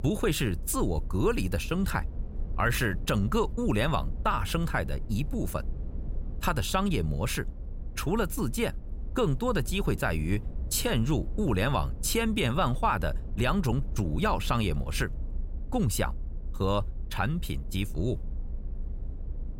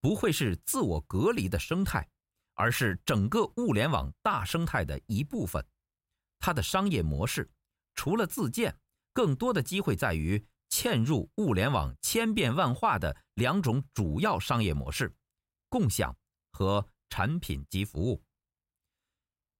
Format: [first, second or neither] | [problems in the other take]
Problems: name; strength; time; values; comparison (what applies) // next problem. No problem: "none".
second | low rumble; faint; throughout; 20 dB below the speech